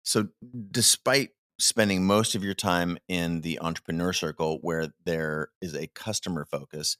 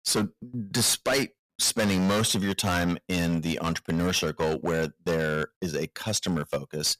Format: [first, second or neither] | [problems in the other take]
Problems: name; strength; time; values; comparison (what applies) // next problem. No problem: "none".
first | distortion; heavy; 14% of the sound clipped